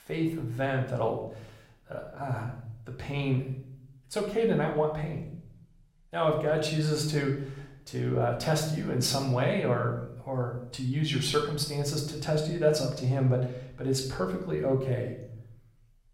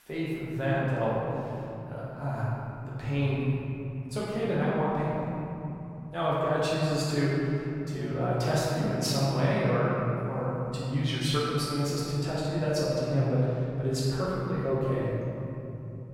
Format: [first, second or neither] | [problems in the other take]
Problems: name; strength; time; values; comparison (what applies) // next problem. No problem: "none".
first | room echo; strong; dies away in 3 s; slight in the first // off-mic speech; far; somewhat distant in the first